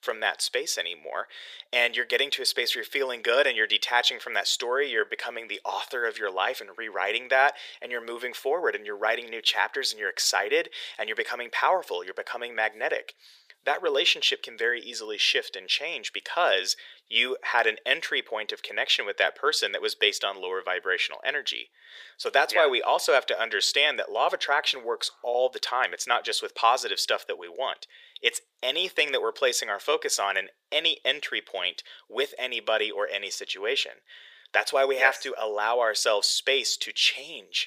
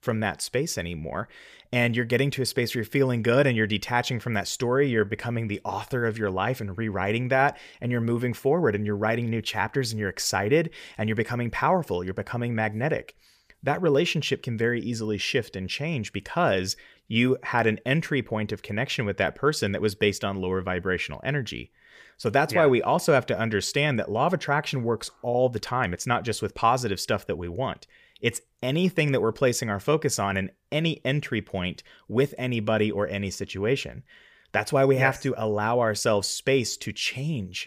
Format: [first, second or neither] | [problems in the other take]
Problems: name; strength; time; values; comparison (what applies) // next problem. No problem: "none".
second | thin; very; fading below 450 Hz